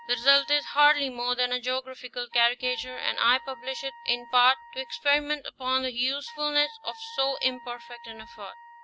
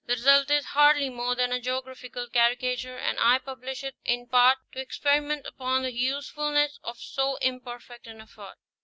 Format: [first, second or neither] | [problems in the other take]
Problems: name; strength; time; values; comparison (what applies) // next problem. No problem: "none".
second | background sound (Wind instrument, woodwind instrument); 20 dB below the speech